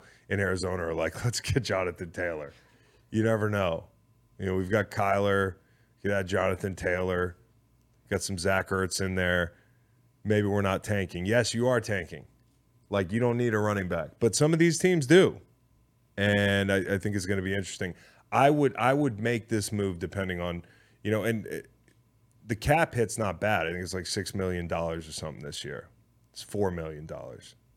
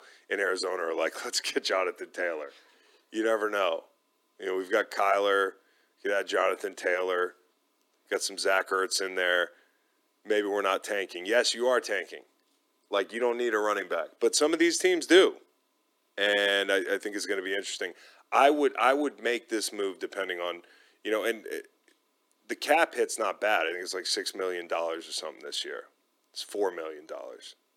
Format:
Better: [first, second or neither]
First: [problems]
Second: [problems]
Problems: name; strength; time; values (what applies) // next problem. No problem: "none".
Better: first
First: none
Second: thin; somewhat; fading below 300 Hz